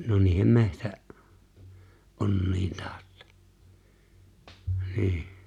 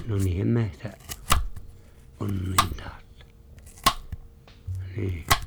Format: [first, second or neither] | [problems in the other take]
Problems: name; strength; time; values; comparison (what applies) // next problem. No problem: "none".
first | background sound (Domestic sounds, home sounds); 1 dB above the speech